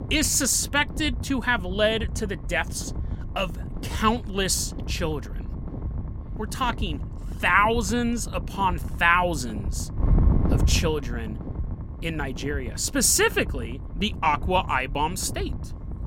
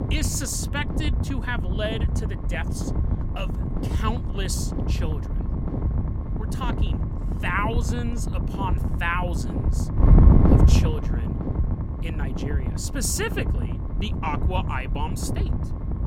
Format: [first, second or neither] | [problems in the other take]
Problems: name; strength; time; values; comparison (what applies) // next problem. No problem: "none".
first | wind noise on the microphone; heavy; 5 dB below the speech; occasional gusts in the first